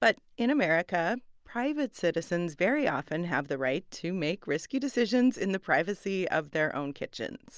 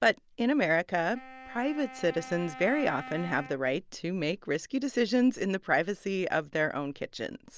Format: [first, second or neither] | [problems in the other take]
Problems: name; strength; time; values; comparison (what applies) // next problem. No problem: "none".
first | background sound (Wind instrument, woodwind instrument); 16 dB below the speech